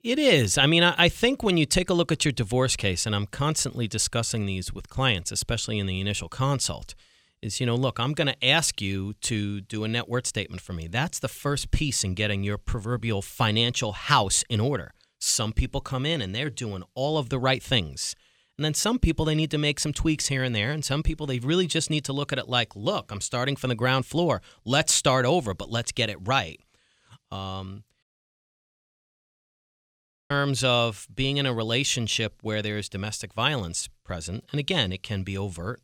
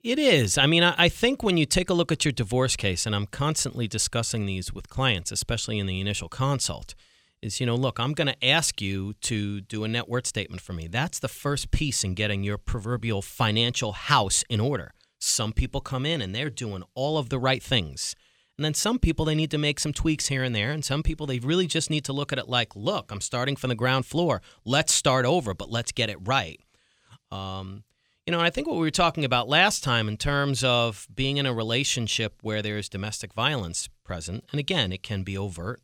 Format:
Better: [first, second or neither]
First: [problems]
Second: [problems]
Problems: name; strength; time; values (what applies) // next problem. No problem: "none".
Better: second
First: audio cutting out; at 28 s for 2.5 s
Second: none